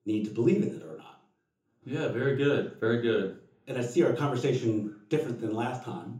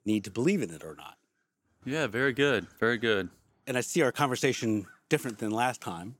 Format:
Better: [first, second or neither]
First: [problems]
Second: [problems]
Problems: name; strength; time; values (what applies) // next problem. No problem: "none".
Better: second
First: room echo; noticeable; dies away in 0.7 s // off-mic speech; far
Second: none